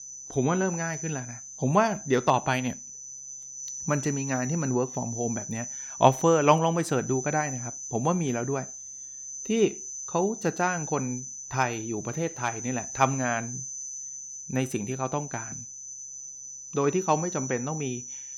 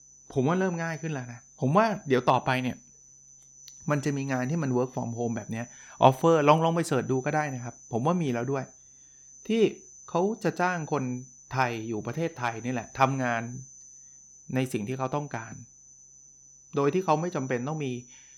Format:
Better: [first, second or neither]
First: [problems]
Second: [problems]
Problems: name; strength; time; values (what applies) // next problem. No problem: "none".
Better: second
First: high-pitched whine; loud; throughout; 6 kHz, 9 dB below the speech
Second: high-pitched whine; faint; throughout; 6 kHz, 20 dB below the speech